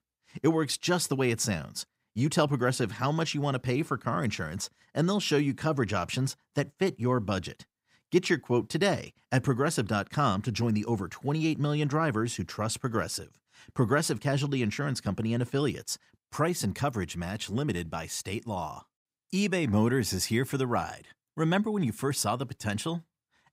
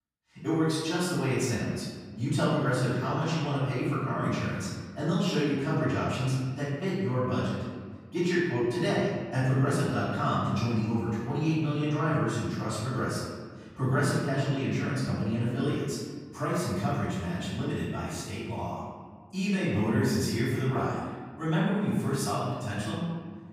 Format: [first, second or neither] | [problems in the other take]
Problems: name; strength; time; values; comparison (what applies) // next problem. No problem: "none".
first | room echo; strong; dies away in 1.6 s // off-mic speech; far